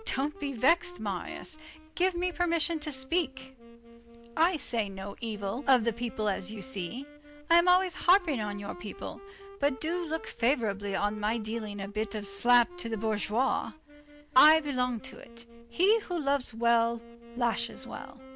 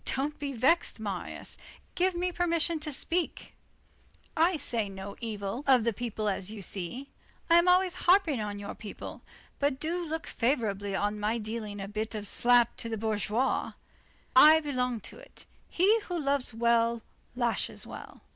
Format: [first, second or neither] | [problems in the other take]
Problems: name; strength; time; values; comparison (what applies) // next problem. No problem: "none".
second | background sound (Wind instrument, woodwind instrument); 19 dB below the speech